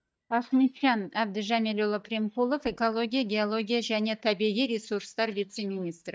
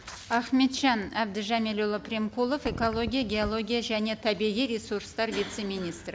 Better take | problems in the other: second | noise reduction (neural mask model DeepFilterNet 3)

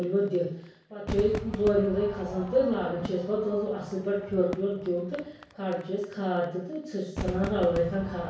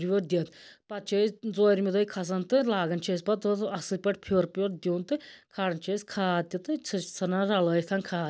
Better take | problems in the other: second | background sound (Crowd / Fireworks); 12 dB below the speech // room echo; dies away in 0.6 s

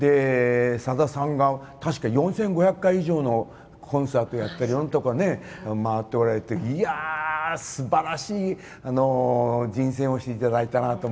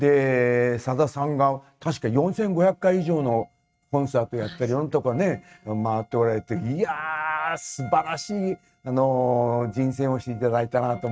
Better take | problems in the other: first | noise reduction (neural mask model RNNoise)

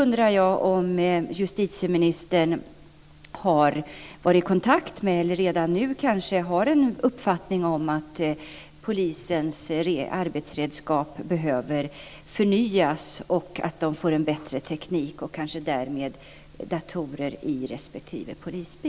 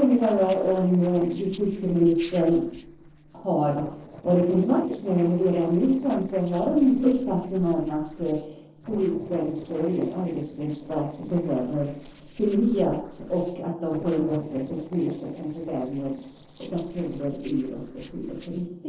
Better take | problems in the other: first | noise reduction (neural separator model SepFormer DNS4)

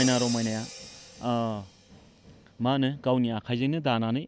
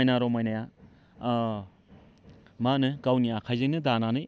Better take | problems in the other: second | background sound (Crash cymbal); 13 dB below the speech

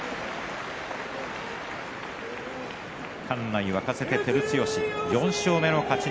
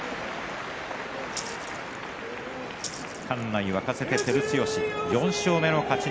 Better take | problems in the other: first | background sound (Rattle (instrument)); 16 dB below the speech

